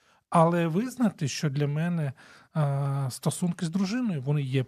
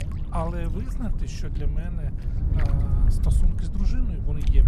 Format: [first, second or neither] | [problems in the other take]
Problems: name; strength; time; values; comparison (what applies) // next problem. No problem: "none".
first | wind noise on the microphone; heavy; 4 dB below the speech